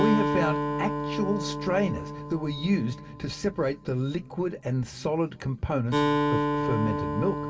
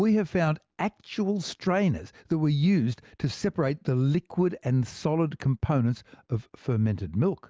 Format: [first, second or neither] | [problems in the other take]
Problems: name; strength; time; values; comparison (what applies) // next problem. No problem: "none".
second | background sound (Acoustic guitar); 2 dB below the speech // room echo; dies away in 0.1 s